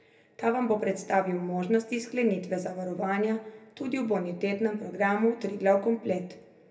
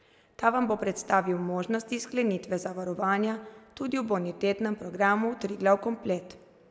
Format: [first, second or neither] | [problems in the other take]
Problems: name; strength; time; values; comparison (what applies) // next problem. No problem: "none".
second | room echo; dies away in 0.3 s